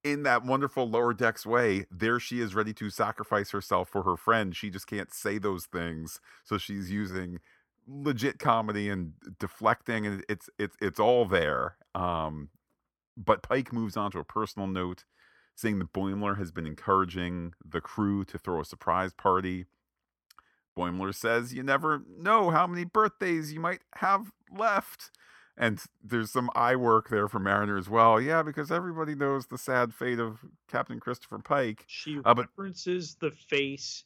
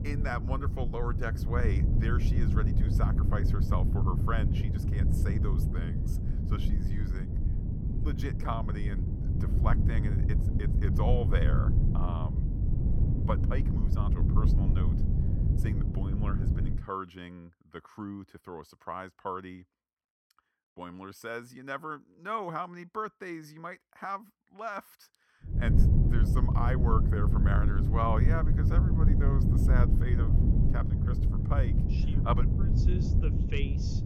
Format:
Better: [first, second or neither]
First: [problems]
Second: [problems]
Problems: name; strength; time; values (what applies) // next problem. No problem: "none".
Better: first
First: none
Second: wind noise on the microphone; heavy; until 17 s and from 26 s on; 3 dB below the speech